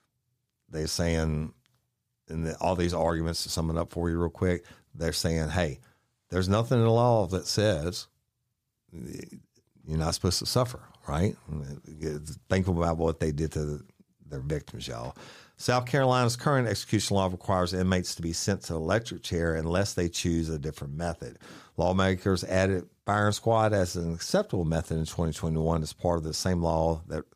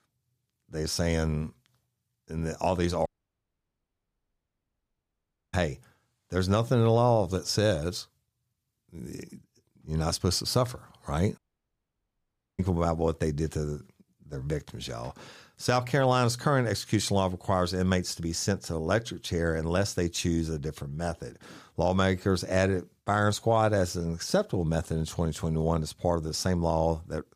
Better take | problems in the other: first | audio cutting out; at 3 s for 2.5 s and at 11 s for 1 s

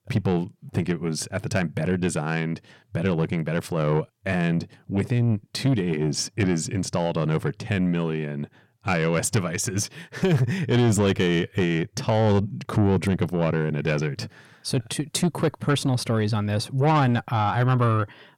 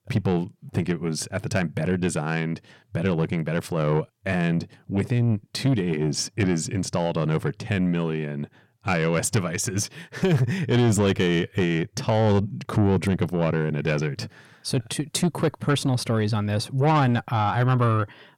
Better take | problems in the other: neither | distortion; slight; 10 dB below the speech; the same in both

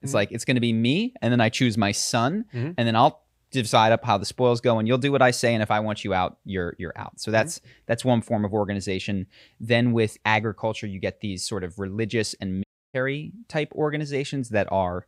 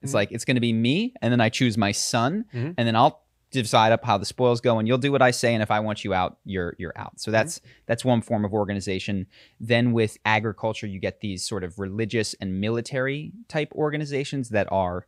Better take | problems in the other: second | audio cutting out; at 13 s

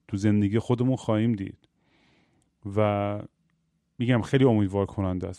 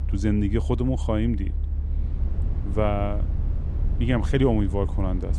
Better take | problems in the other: first | low rumble; noticeable; throughout; 15 dB below the speech

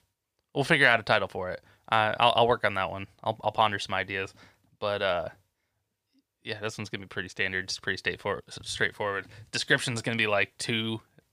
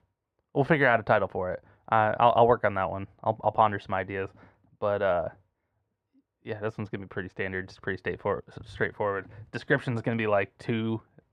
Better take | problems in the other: first | muffled; very; fading above 2.5 kHz

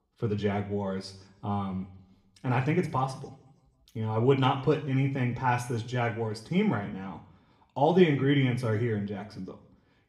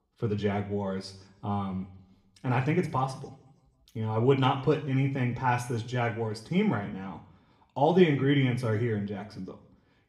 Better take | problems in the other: neither | room echo; slight; dies away in 0.6 s; the same in both // off-mic speech; somewhat distant; the same in both

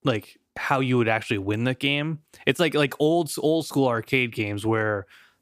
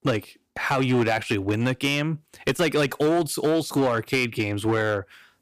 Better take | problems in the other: first | distortion; slight; 7% of the sound clipped

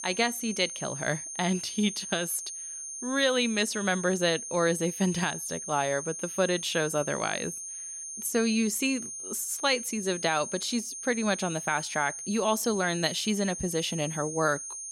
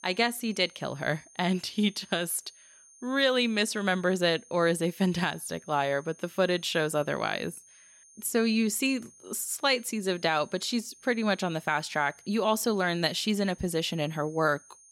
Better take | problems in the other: second | high-pitched whine; loud; throughout; 6.5 kHz, 7 dB below the speech; faint in the second

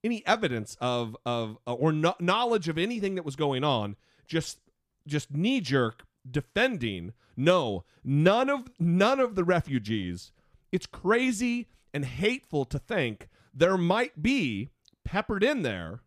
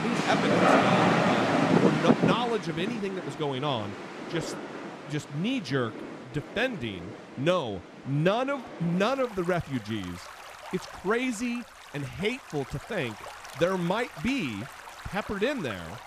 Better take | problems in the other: first | rain or running water; very loud; throughout; 4 dB above the speech

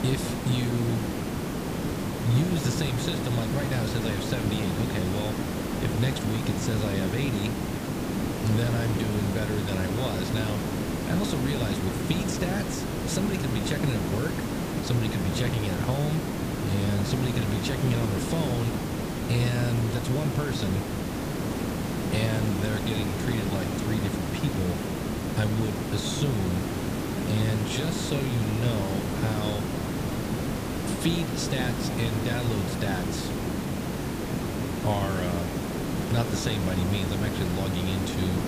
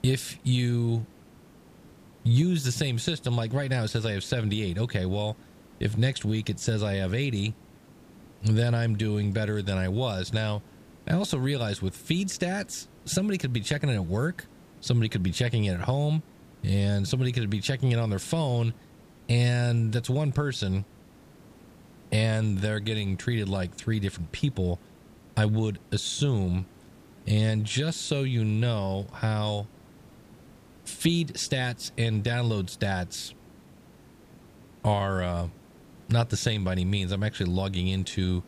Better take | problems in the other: second | hiss; loud; throughout; as loud as the speech; faint in the second

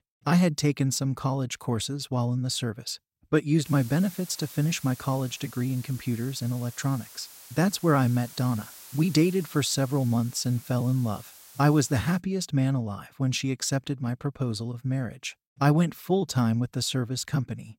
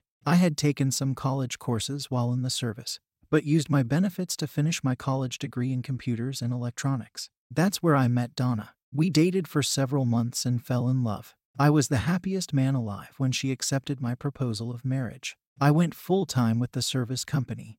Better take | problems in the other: second | hiss; noticeable; from 3.5 to 12 s; 20 dB below the speech

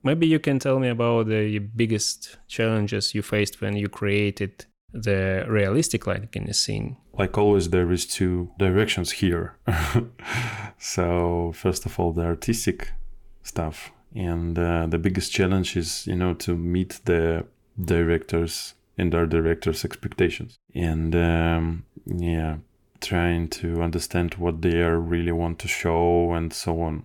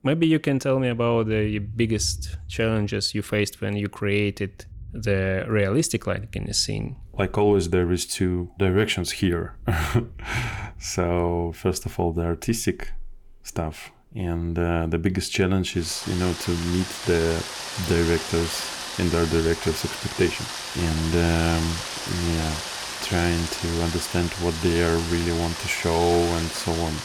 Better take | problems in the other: first | rain or running water; loud; throughout; 7 dB below the speech

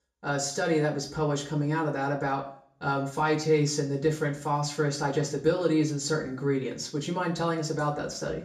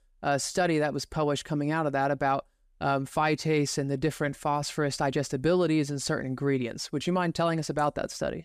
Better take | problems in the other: second | room echo; very slight; dies away in 0.4 s // off-mic speech; far

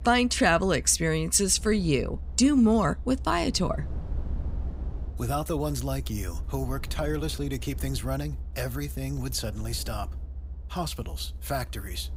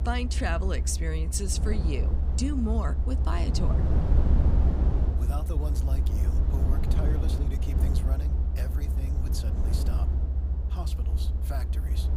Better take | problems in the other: first | low rumble; loud; throughout; 4 dB below the speech; faint in the first

